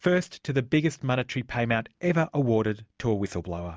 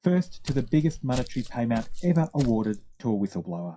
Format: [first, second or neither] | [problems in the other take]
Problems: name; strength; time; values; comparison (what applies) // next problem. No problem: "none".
first | noise reduction (classical method WPE with log-MMSE)